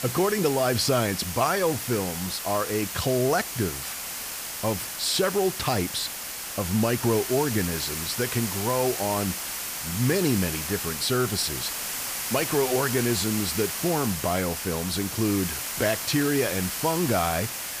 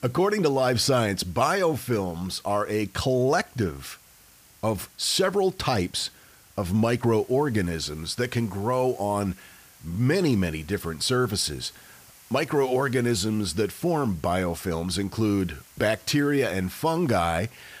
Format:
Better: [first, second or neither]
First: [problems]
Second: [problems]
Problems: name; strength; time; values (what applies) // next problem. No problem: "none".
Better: second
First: hiss; loud; throughout; 4 dB below the speech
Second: hiss; faint; throughout; 25 dB below the speech